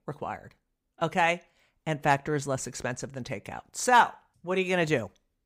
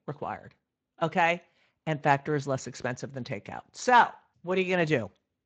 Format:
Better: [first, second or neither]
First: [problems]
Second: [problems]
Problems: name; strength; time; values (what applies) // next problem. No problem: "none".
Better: first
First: none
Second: garbled, watery; slightly; nothing above 7.5 kHz